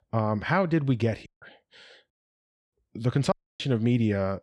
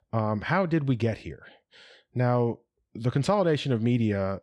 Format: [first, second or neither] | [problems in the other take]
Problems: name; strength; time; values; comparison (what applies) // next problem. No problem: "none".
second | audio cutting out; at 1.5 s, at 2 s for 0.5 s and at 3.5 s